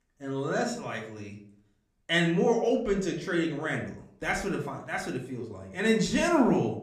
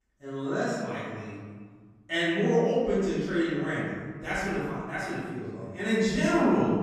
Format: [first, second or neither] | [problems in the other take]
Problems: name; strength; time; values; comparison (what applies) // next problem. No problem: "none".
first | room echo; strong; dies away in 1.6 s; slight in the first // off-mic speech; far; somewhat distant in the first